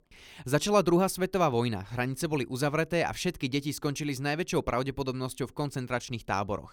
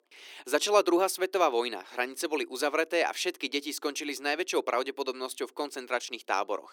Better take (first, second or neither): first